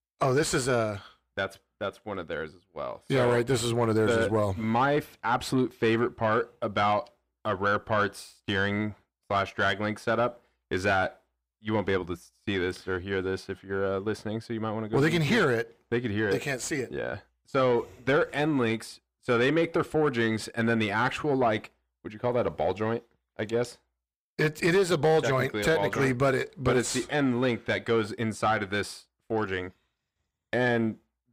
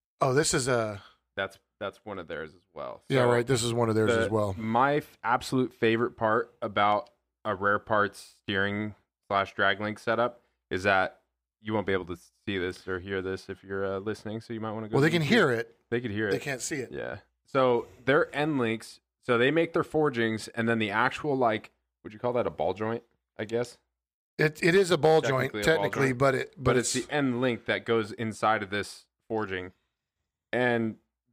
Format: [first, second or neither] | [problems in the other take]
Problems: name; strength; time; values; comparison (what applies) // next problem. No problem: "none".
second | distortion; slight; 10 dB below the speech